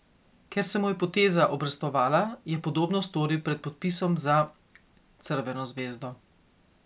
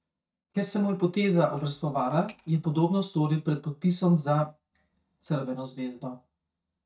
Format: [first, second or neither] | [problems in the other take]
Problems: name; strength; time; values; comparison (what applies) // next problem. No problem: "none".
first | noise reduction (neural mask model DeepFilterNet 3)